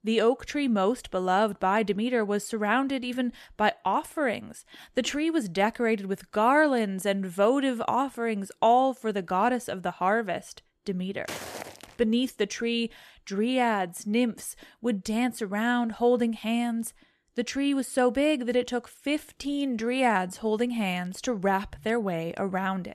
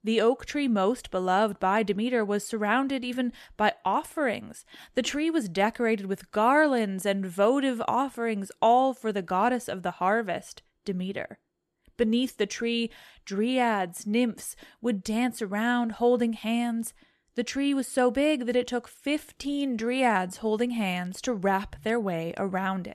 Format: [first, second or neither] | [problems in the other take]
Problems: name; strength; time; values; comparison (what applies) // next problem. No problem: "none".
second | footsteps; noticeable; at 11 s; peak 9 dB below the speech